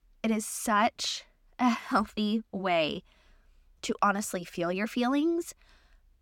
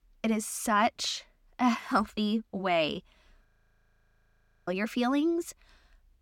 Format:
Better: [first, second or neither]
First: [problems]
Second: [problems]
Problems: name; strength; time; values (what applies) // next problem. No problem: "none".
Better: first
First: none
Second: audio freezing; at 3.5 s for 1 s